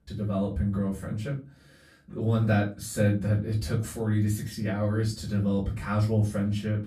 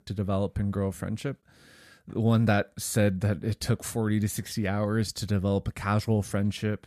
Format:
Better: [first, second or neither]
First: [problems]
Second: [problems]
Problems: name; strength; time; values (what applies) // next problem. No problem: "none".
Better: second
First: off-mic speech; far // room echo; slight; dies away in 0.3 s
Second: none